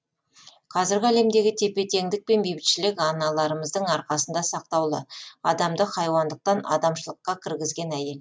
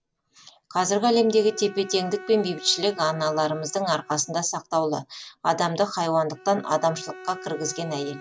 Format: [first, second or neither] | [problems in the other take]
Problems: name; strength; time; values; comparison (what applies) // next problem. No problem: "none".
first | background sound (Bowed string instrument); 20 dB below the speech